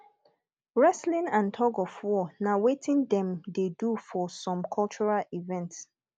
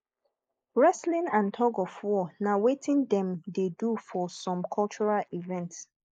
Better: first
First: none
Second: noise reduction (neural mask model Resemble Enhance denoiser)

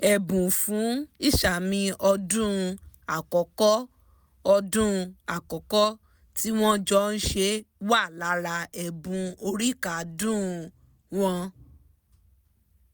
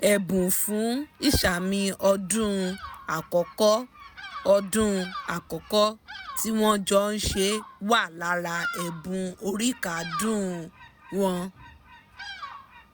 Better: first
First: none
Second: background sound (Bird vocalization, bird call, bird song); 16 dB below the speech

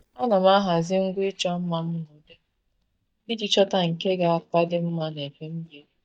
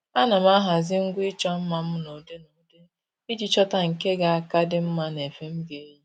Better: second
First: noise reduction (neural mask model DeepFilterNet 3)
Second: none

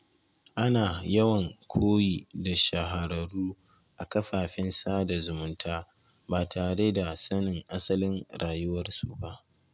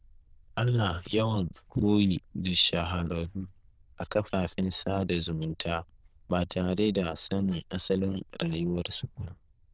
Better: first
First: none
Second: noise reduction (neural diffusion model UNIVERSE++)

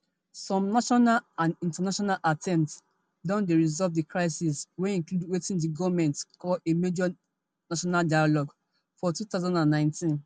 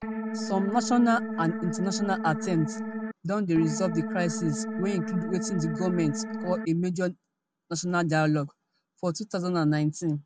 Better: first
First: none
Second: background sound (Organ); 4 dB below the speech

